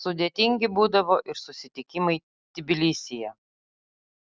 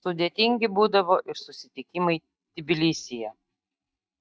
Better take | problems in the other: first | noise reduction (neural mask model DeepFilterNet 3)

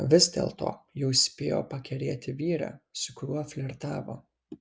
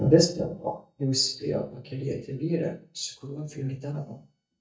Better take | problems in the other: first | noise reduction (neural mask model DeepFilterNet 3)

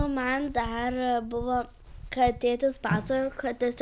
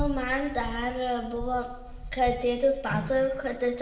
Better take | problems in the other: first | room echo; dies away in 0.9 s

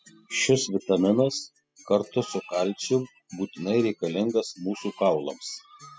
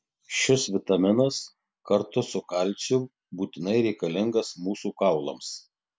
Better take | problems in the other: second | noise reduction (classical method spectral subtraction)

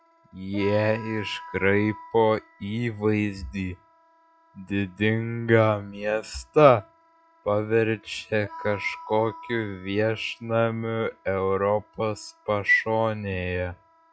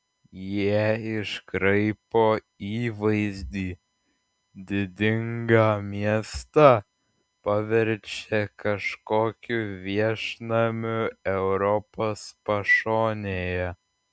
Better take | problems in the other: second | noise reduction (classical method log-MMSE)

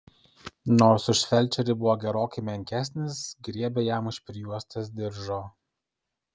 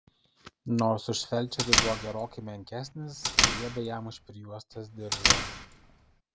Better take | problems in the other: first | background sound (Door); 4 dB above the speech

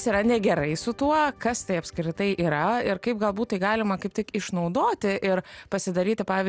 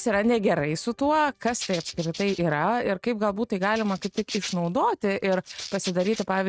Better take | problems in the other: first | noise reduction (neural mask model RNNoise)

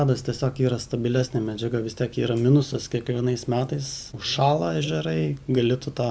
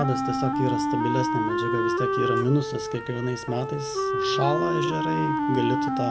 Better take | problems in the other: first | background sound (Wind instrument, woodwind instrument); 2 dB above the speech

